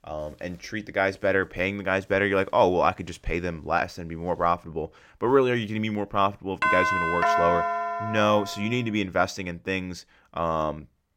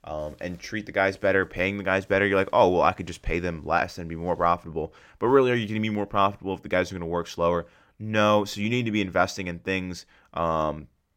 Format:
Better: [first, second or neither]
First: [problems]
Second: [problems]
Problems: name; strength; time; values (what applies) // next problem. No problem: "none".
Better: second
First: doorbell; loud; from 6.5 to 8.5 s; peak 4 dB above the speech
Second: none